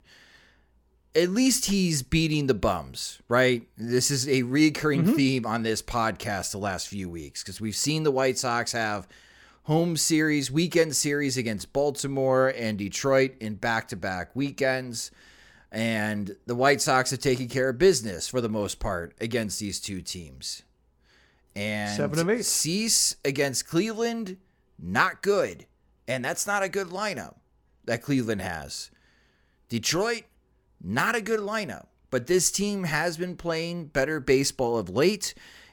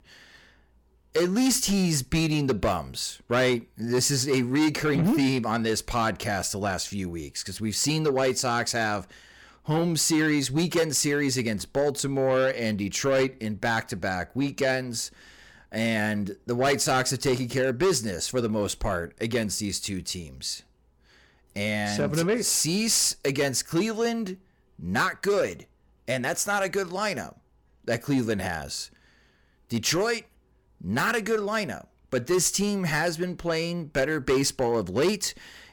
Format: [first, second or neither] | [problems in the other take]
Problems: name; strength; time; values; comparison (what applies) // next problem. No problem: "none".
first | distortion; slight; 10 dB below the speech